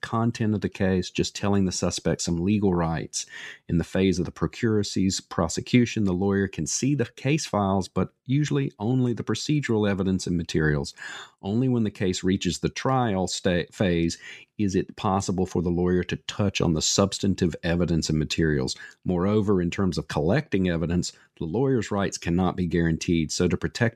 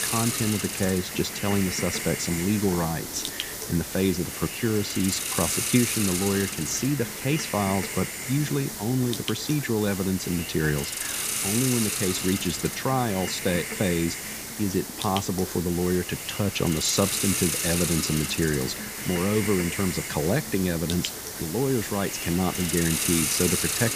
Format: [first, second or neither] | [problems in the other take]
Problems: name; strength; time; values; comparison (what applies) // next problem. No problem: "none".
first | hiss; loud; throughout; 2 dB below the speech